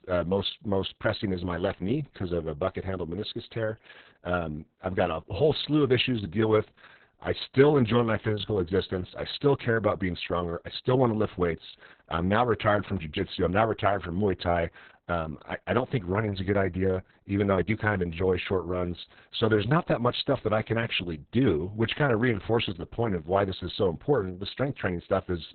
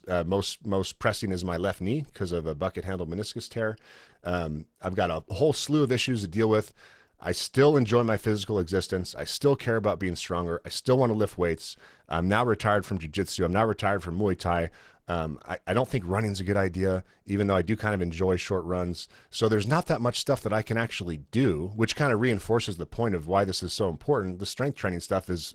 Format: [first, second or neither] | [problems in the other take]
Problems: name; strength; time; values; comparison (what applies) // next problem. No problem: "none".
second | garbled, watery; badly; nothing above 4 kHz; slightly in the second